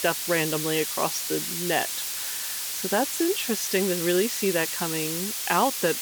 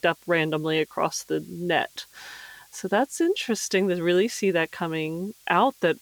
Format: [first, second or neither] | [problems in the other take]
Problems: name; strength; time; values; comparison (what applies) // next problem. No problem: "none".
second | hiss; loud; throughout; 1 dB below the speech; faint in the second